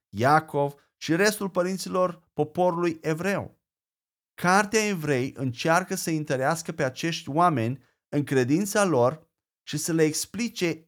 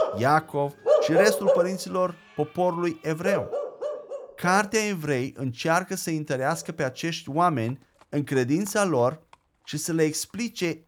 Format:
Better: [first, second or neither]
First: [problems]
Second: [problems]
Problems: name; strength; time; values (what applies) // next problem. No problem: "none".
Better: first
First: none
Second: animal sounds; loud; throughout; as loud as the speech